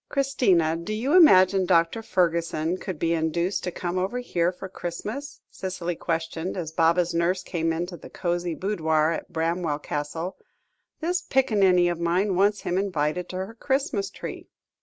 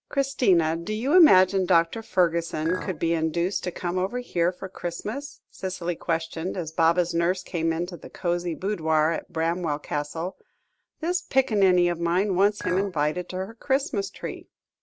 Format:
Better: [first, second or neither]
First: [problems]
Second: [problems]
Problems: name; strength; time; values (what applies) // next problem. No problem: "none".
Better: first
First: none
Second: background sound (Chink, clink); 13 dB below the speech